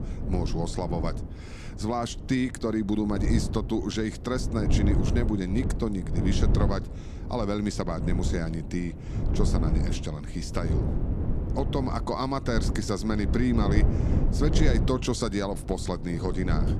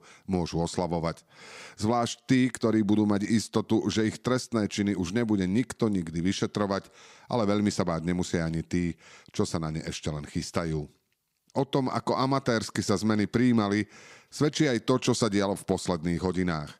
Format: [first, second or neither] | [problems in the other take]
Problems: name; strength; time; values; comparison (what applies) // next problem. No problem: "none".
second | wind noise on the microphone; heavy; 7 dB below the speech